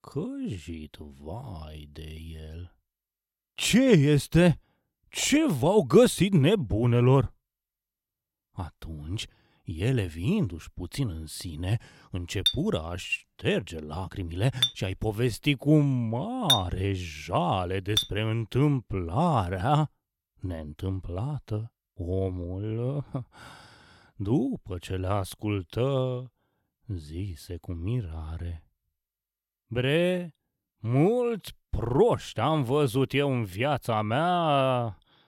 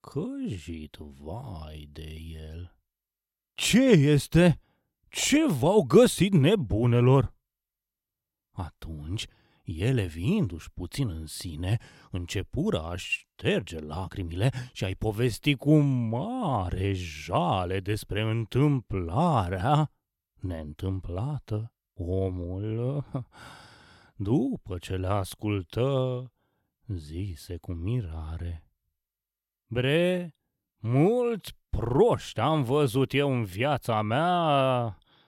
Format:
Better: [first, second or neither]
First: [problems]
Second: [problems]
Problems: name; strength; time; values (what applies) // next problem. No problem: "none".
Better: second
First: clattering dishes; loud; from 12 to 18 s; peak 3 dB above the speech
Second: none